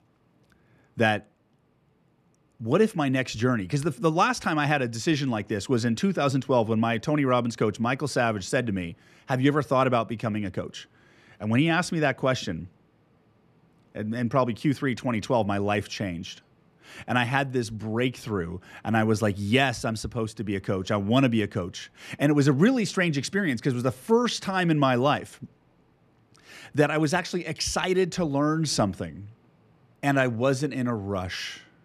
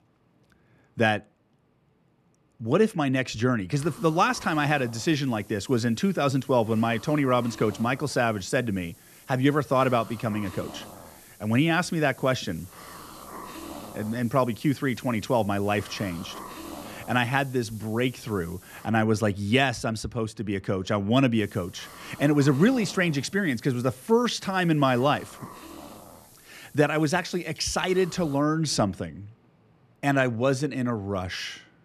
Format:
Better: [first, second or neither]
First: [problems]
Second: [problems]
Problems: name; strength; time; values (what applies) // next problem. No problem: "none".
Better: first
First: none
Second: hiss; noticeable; from 4 to 19 s and from 21 to 28 s; 20 dB below the speech